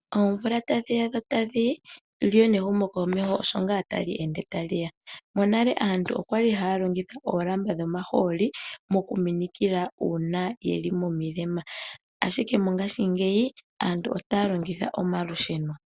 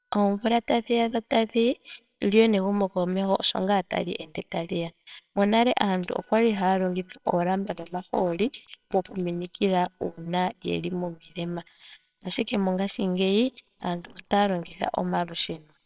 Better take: first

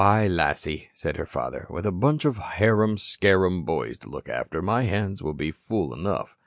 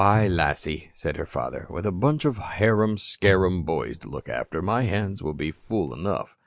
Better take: first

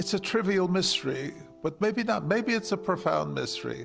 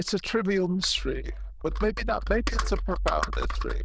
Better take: first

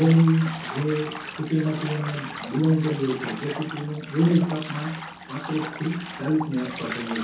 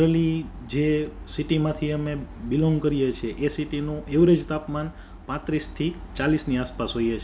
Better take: second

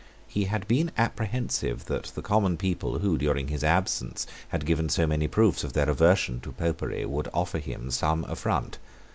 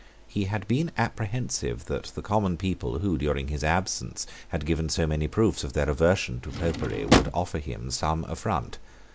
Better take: first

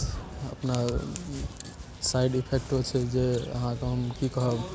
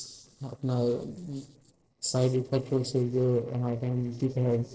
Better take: first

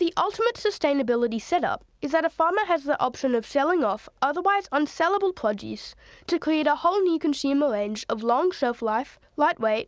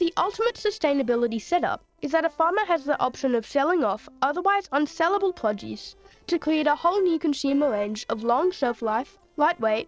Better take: first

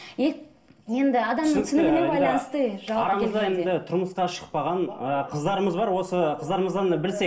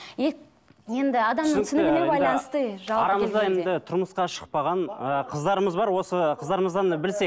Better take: second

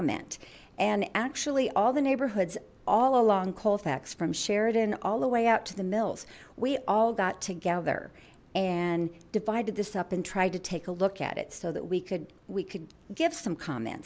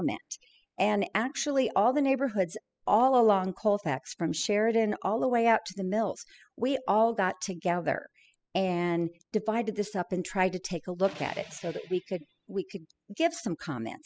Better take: first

